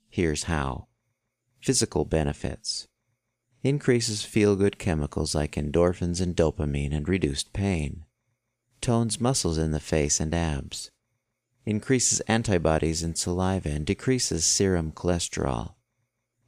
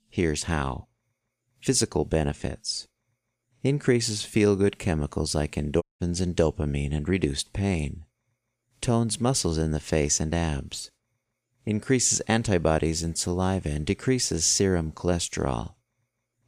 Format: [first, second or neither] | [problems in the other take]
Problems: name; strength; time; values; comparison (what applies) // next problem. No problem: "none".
first | audio cutting out; at 6 s